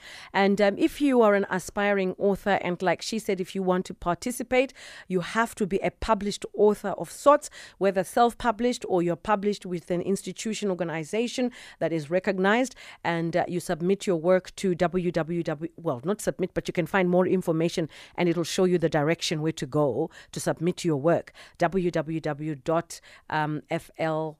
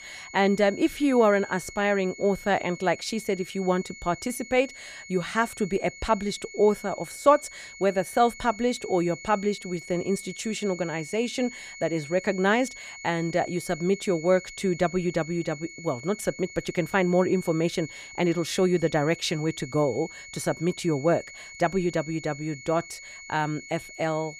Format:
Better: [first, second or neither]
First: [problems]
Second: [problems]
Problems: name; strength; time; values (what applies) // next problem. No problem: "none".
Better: first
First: none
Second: high-pitched whine; noticeable; throughout; 2 kHz, 15 dB below the speech